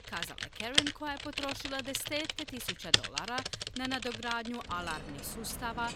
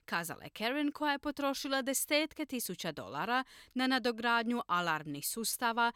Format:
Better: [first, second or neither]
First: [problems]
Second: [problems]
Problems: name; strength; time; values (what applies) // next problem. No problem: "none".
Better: second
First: household noises; very loud; throughout; 5 dB above the speech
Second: none